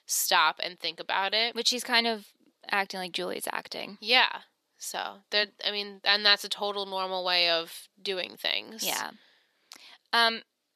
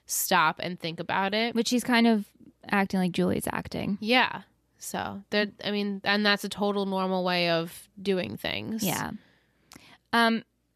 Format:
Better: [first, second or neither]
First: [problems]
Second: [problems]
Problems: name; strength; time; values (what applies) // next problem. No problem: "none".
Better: second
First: thin; somewhat; fading below 500 Hz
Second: none